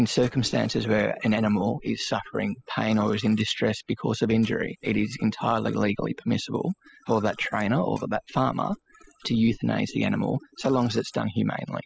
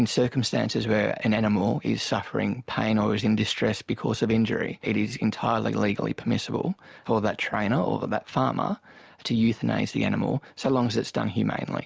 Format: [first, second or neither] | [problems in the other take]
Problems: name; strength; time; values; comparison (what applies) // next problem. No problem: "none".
second | noise reduction (classical method spectral subtraction)